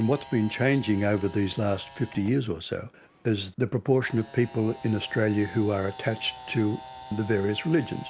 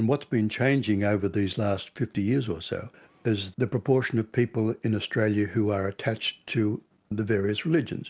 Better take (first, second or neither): second